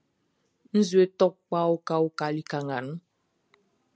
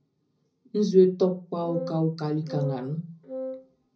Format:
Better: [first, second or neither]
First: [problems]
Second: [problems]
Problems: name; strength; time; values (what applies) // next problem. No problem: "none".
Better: first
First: none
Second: background sound (Wind instrument, woodwind instrument); 10 dB below the speech // room echo; dies away in 0.4 s